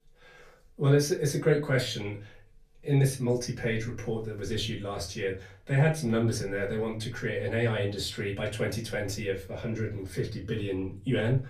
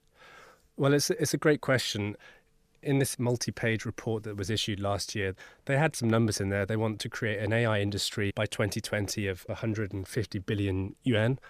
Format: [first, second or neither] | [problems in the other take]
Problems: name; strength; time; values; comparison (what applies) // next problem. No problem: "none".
second | off-mic speech; far // room echo; very slight; dies away in 0.3 s